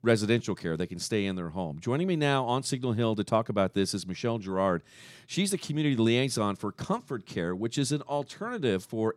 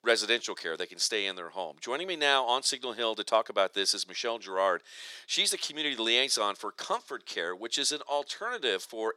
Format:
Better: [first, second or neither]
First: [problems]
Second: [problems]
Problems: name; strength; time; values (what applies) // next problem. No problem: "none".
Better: first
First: none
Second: thin; very; fading below 500 Hz